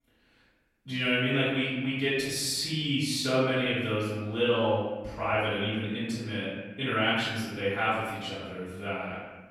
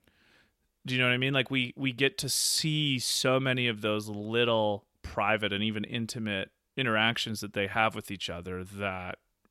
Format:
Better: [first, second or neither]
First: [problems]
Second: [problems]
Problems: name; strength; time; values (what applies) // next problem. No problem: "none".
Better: second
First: off-mic speech; far // room echo; strong; dies away in 1.1 s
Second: none